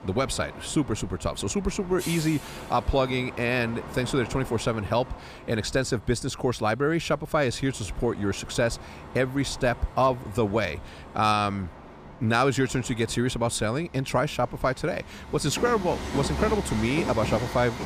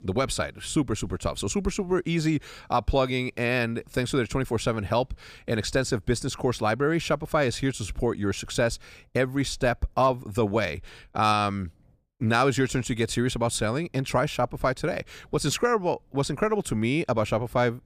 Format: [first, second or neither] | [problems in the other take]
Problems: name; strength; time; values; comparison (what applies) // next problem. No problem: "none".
second | train or aircraft noise; noticeable; throughout; 10 dB below the speech